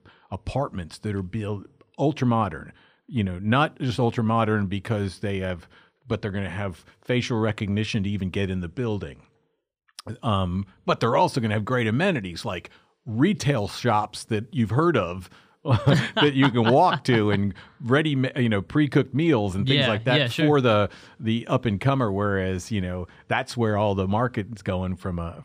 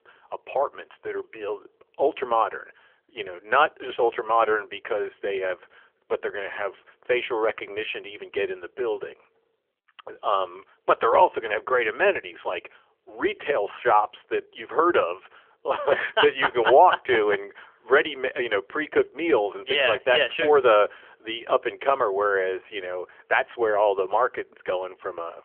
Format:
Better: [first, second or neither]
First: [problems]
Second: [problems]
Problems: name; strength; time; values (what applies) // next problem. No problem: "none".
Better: first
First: none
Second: phone-call audio; nothing above 3 kHz